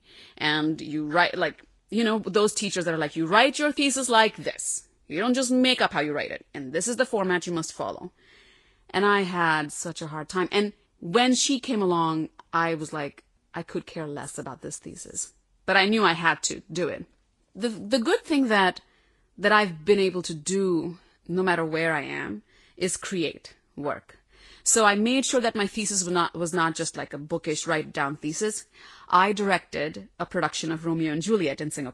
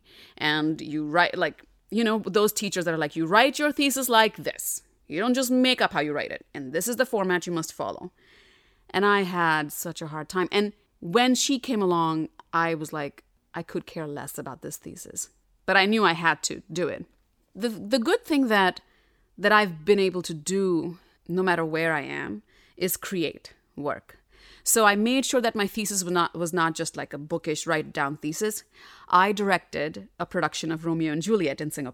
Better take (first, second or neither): second